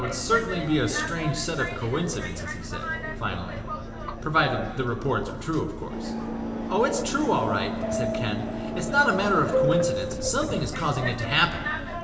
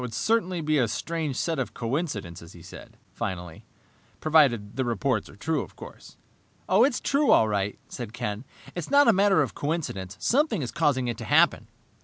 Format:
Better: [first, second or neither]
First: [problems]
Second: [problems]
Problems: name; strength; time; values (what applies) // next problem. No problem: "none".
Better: second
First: background sound (Subway, metro, underground); 4 dB below the speech // room echo; dies away in 1.4 s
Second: none